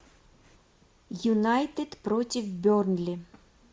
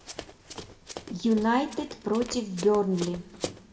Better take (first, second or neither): first